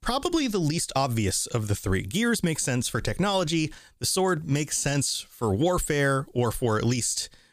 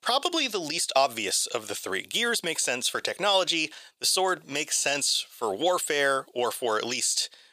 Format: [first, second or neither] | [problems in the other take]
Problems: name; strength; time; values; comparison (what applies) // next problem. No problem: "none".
first | thin; very; fading below 550 Hz